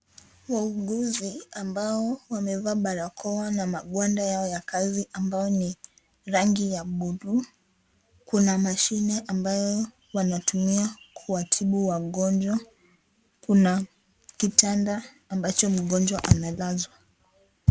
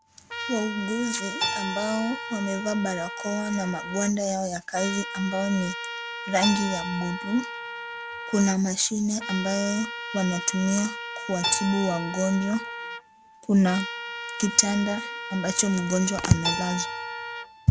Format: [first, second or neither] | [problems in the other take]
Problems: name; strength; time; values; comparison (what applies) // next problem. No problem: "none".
first | background sound (Trumpet + Keyboard (musical)); 7 dB below the speech